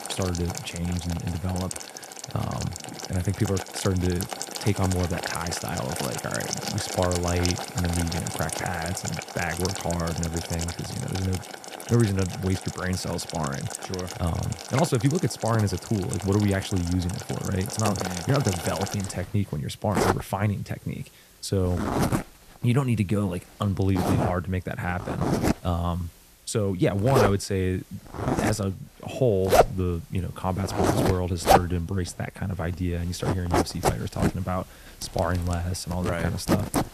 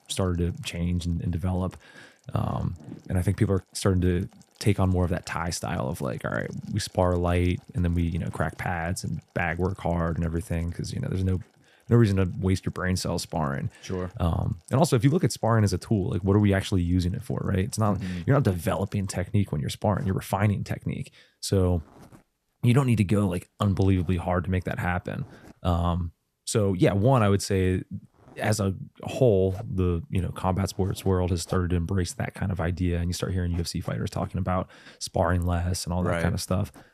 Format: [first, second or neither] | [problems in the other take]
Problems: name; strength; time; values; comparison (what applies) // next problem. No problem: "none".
second | household noises; loud; throughout; 2 dB below the speech; faint in the second